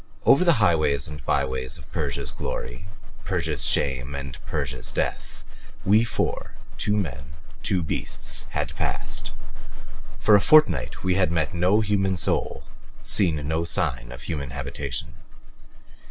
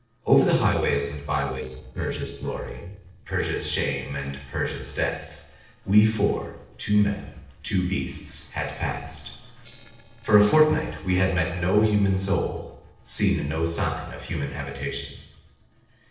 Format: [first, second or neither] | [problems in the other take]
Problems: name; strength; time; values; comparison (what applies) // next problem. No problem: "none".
first | noise reduction (neural separator model SepFormer DNS4)